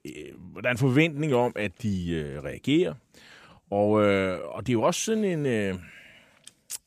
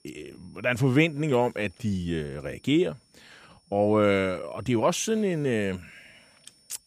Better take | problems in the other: first | high-pitched whine; faint; throughout; 5.5 kHz, 35 dB below the speech

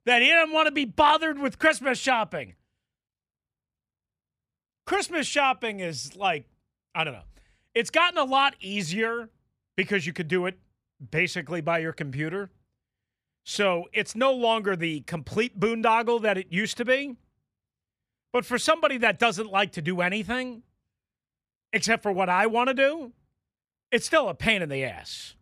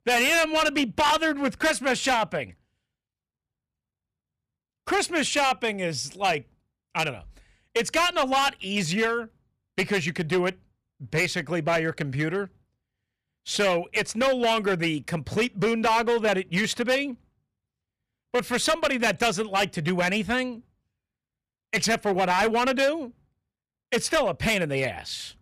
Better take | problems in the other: first | distortion; heavy; 9% of the sound clipped

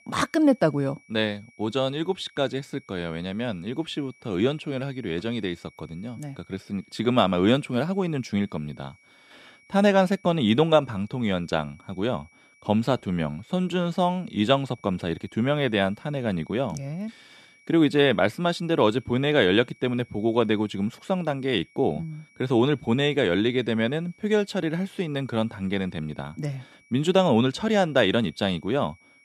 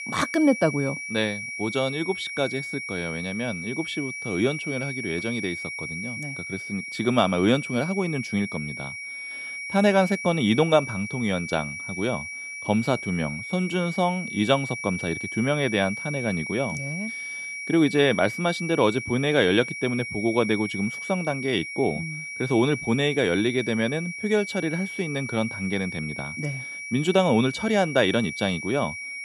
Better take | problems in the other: first | high-pitched whine; loud; throughout; 2.5 kHz, 7 dB below the speech; faint in the first

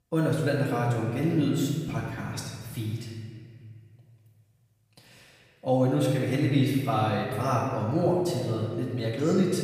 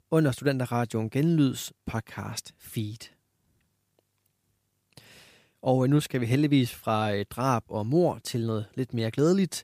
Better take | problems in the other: second | off-mic speech; far // room echo; noticeable; dies away in 1.8 s

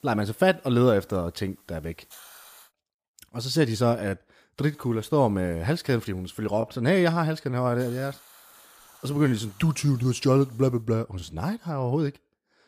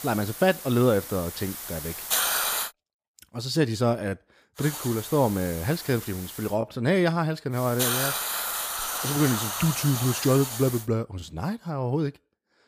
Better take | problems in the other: first | hiss; loud; until 2.5 s, from 4.5 to 6.5 s and from 7.5 to 11 s; 3 dB below the speech; faint in the first

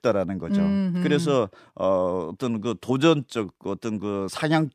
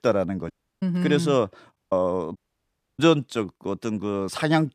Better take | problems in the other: first | audio cutting out; at 0.5 s, at 2 s and at 2.5 s for 0.5 s

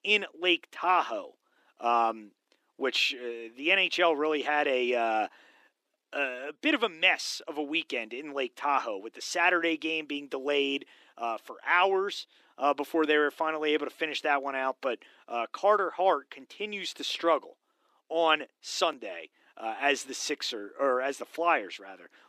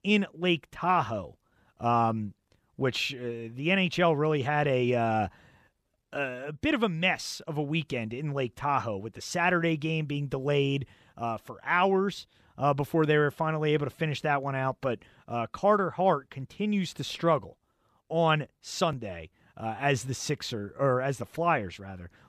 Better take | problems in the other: second | thin; somewhat; fading below 300 Hz

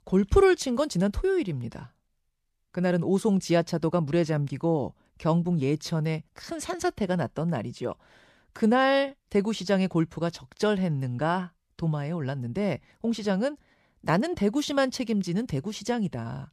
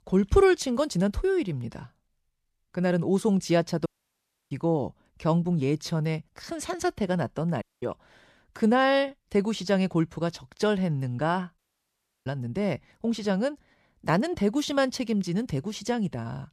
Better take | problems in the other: first | audio cutting out; at 4 s for 0.5 s, at 7.5 s and at 12 s for 0.5 s

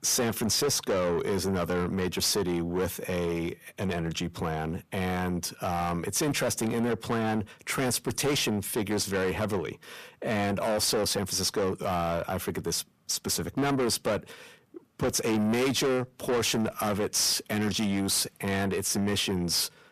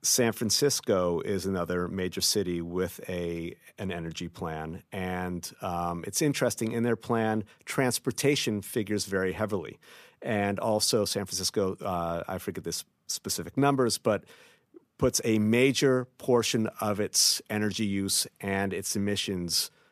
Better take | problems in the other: second | distortion; heavy; 6 dB below the speech

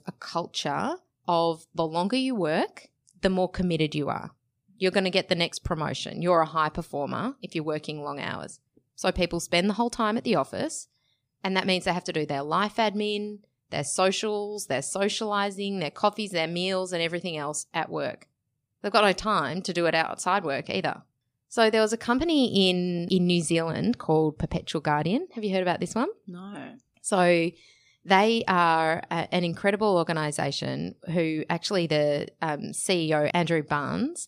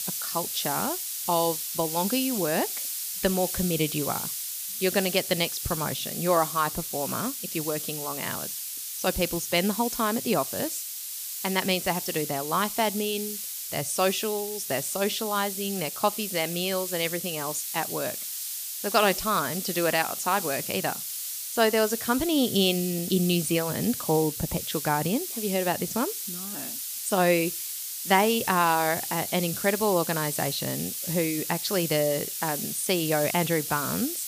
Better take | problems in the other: first | hiss; loud; throughout; 4 dB below the speech

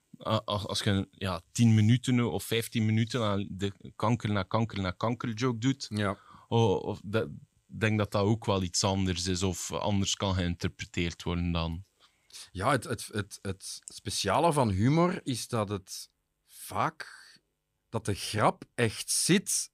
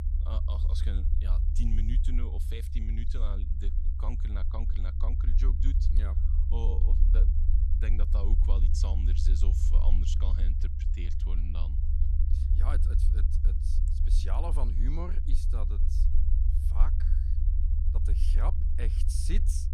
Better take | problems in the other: first | low rumble; loud; throughout; 3 dB below the speech

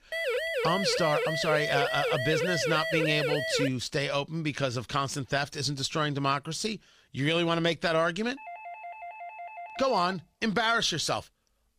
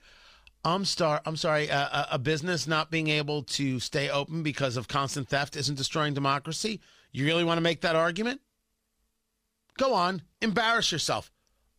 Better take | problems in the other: second | siren; noticeable; until 3.5 s; peak level with the speech // doorbell; faint; from 8.5 to 10 s; peak 15 dB below the speech

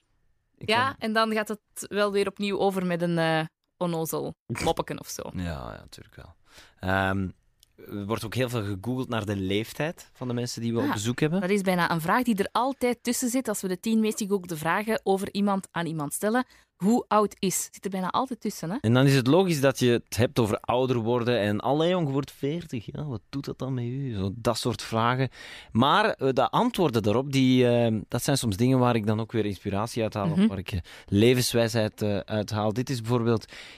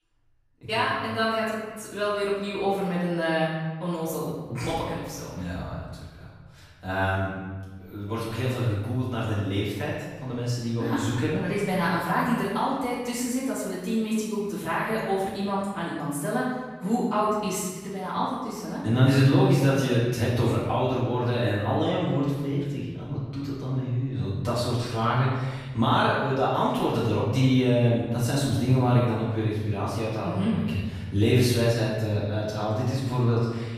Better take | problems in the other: first | room echo; strong; dies away in 1.3 s // off-mic speech; far

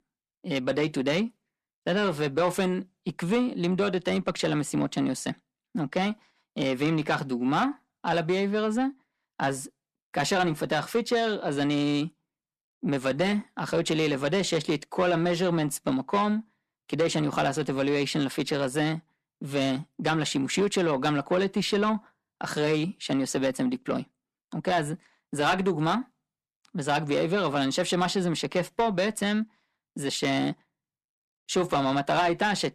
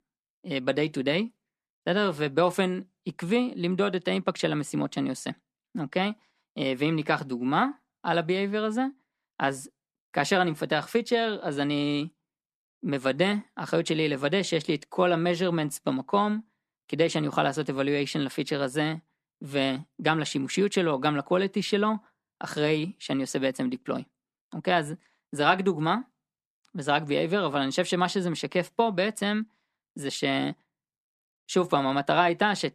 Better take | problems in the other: second | distortion; slight; 10 dB below the speech

